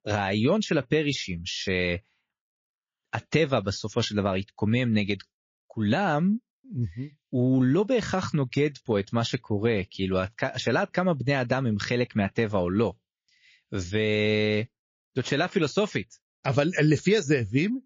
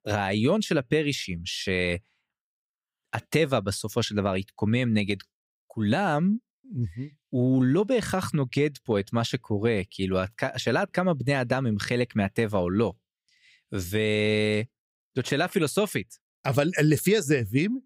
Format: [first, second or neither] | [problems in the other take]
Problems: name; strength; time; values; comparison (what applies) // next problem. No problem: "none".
second | garbled, watery; slightly